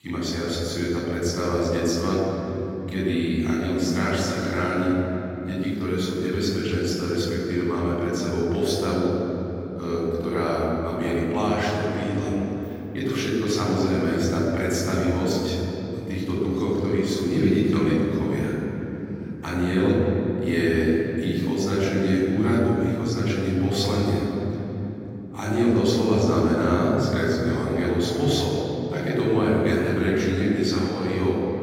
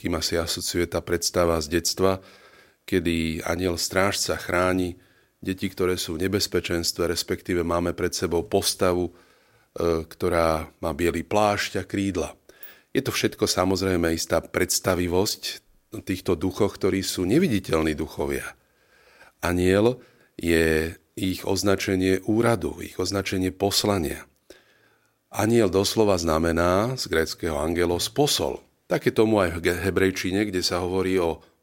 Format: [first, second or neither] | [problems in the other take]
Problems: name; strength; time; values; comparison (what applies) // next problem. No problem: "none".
second | room echo; strong; dies away in 3 s // off-mic speech; far